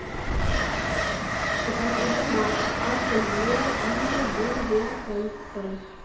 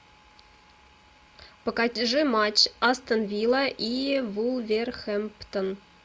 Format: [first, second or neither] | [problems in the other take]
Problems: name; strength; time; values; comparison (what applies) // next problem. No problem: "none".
second | background sound (Train); 3 dB above the speech // room echo; dies away in 2 s